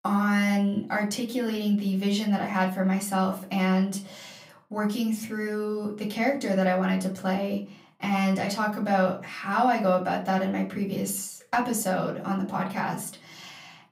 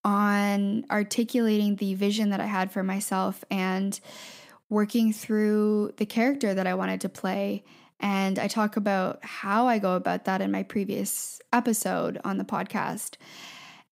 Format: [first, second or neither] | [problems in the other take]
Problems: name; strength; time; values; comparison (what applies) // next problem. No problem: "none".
second | off-mic speech; far // room echo; very slight; dies away in 0.3 s